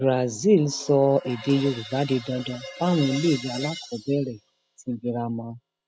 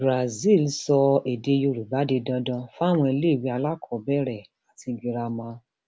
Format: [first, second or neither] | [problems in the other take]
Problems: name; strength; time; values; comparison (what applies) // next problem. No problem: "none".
second | noise reduction (classical method spectral subtraction)